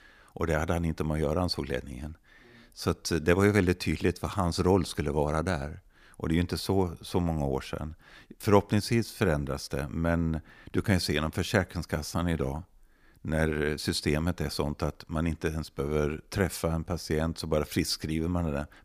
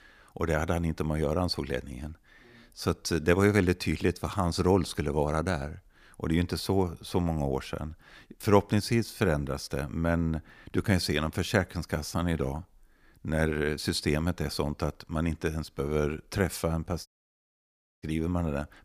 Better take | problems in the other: first | audio cutting out; at 17 s for 1 s

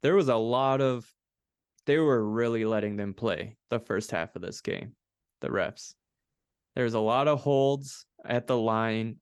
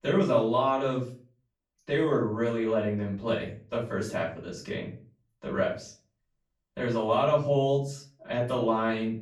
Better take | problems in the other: first | room echo; slight; dies away in 0.3 s // off-mic speech; far

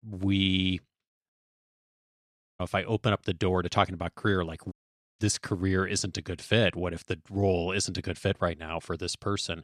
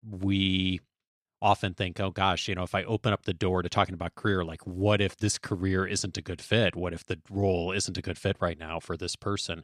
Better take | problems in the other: second | audio cutting out; at 1.5 s for 1.5 s and at 4.5 s

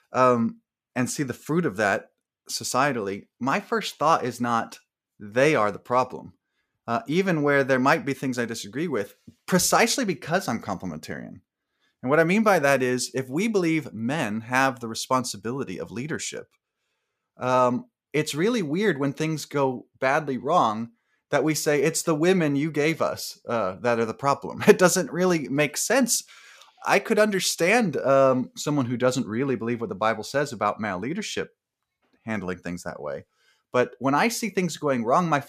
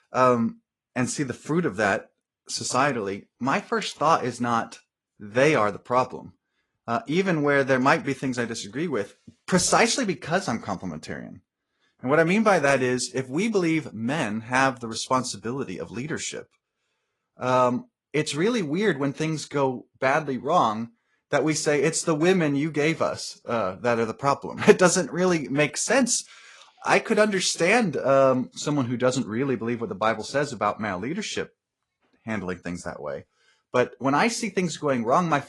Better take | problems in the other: first | garbled, watery; slightly; nothing above 10.5 kHz

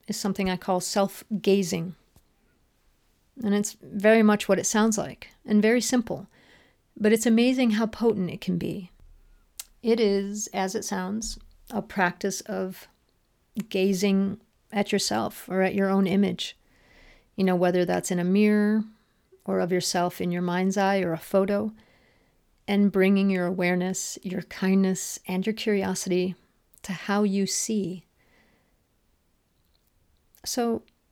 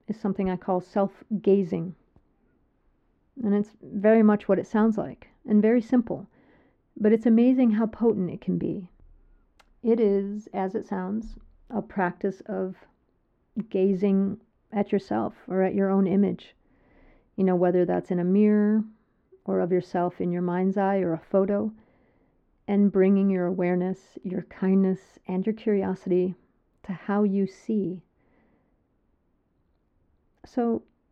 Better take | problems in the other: first | muffled; very; fading above 4 kHz

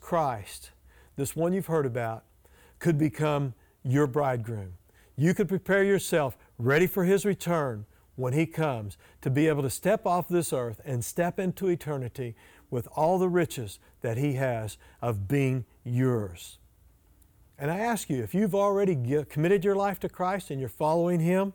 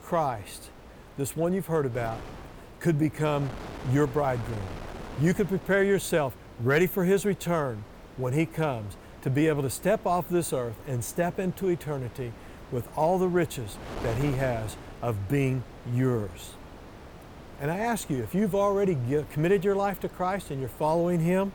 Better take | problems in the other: first | wind noise on the microphone; occasional gusts; 15 dB below the speech

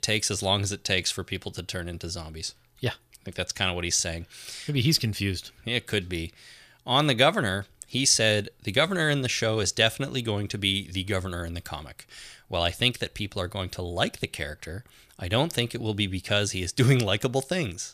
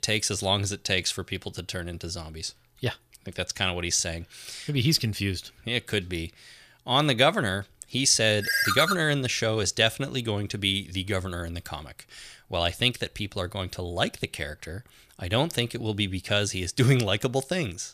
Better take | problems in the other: first | phone ringing; loud; at 8.5 s; peak 3 dB above the speech

